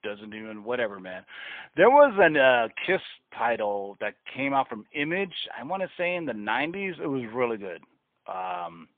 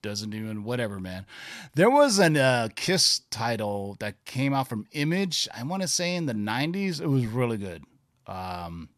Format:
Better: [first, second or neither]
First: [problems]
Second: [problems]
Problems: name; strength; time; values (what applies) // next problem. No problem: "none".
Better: second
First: phone-call audio; poor line; nothing above 3.5 kHz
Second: none